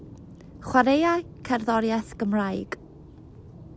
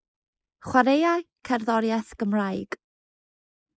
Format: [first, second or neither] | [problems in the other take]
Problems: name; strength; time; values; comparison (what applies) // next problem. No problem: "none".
first | noise reduction (neural mask model Resemble Enhance denoiser)